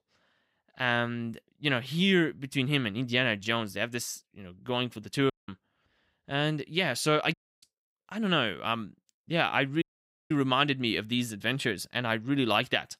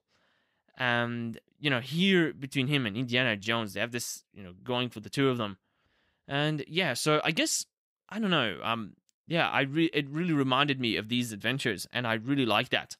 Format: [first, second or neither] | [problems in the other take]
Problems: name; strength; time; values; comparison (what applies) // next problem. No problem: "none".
second | audio cutting out; at 5.5 s, at 7.5 s and at 10 s